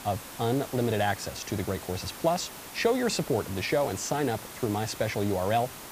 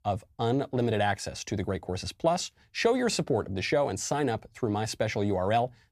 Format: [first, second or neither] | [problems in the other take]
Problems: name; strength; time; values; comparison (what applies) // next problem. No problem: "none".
second | hiss; noticeable; throughout; 10 dB below the speech